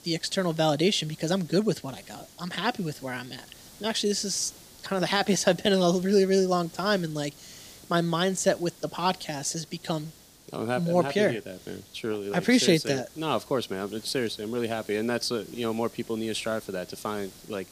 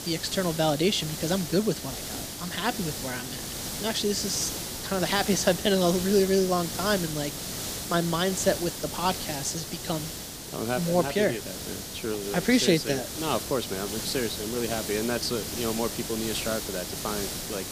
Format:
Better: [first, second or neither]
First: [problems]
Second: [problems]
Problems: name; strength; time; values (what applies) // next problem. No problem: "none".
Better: first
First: hiss; faint; throughout; 20 dB below the speech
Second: hiss; loud; throughout; 5 dB below the speech